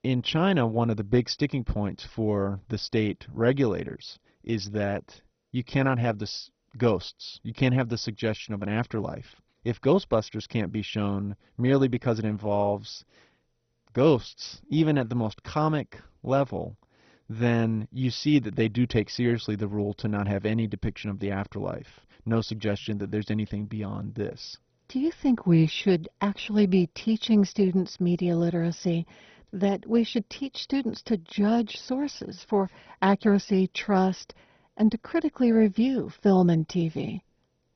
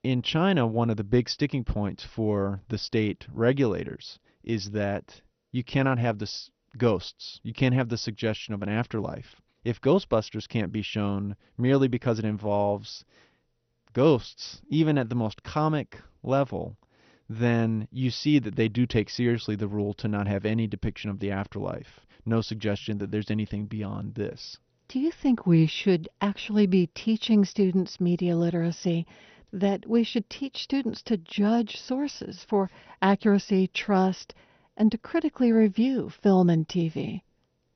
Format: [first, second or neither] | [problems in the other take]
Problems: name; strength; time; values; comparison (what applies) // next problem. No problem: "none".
second | garbled, watery; badly; nothing above 6 kHz; slightly in the second